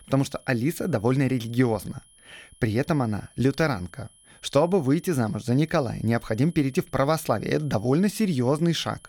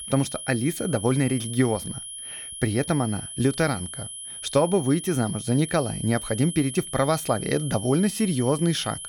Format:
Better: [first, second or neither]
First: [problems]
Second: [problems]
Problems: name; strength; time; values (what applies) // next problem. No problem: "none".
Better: first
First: high-pitched whine; faint; throughout; 10.5 kHz, 30 dB below the speech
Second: high-pitched whine; loud; throughout; 10.5 kHz, 9 dB below the speech